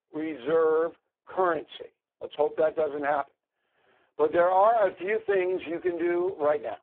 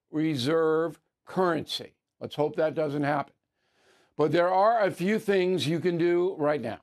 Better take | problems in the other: second | phone-call audio; poor line

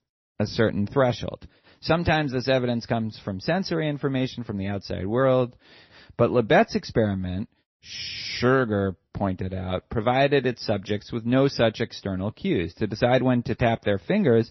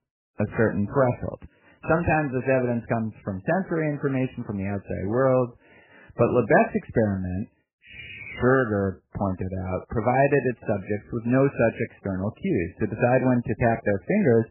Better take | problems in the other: first | garbled, watery; badly; nothing above 2.5 kHz; slightly in the first

